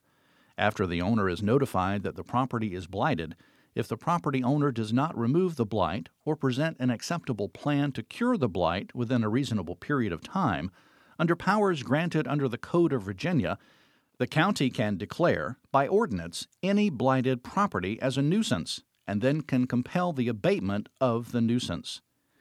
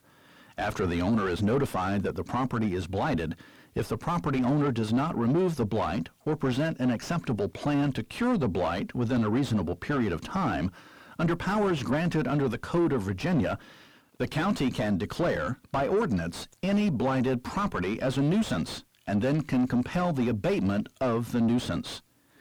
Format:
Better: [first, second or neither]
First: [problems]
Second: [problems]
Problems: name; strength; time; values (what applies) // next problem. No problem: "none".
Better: first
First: none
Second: distortion; heavy; 5 dB below the speech